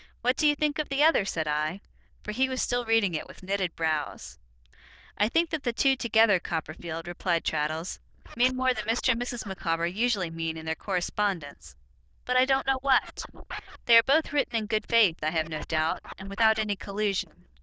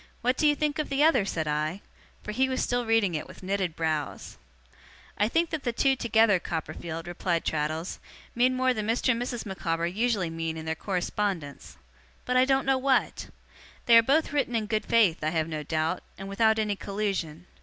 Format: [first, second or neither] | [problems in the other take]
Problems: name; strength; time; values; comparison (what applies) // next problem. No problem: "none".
second | noise reduction (neural diffusion model UNIVERSE++)